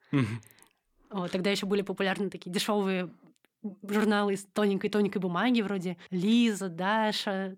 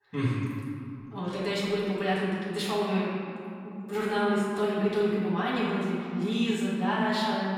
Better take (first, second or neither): first